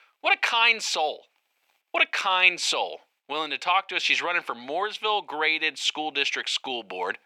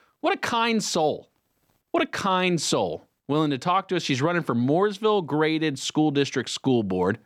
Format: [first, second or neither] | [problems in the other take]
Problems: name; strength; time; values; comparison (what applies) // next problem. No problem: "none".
second | thin; very; fading below 650 Hz